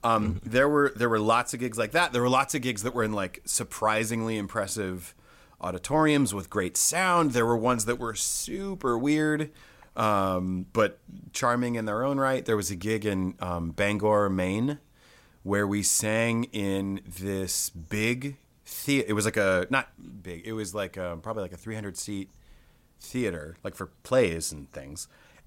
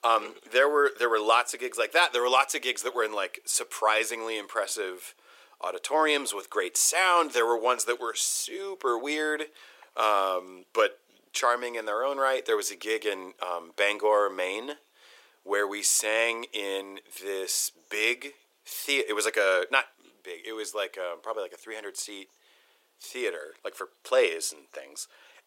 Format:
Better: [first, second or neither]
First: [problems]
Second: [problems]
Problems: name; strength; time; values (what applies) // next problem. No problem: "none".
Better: first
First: none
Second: thin; very; fading below 350 Hz